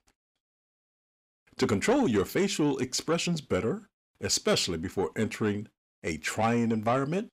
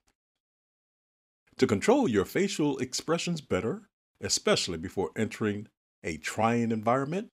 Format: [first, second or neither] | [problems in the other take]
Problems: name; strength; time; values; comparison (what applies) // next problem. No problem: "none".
second | distortion; slight; 10 dB below the speech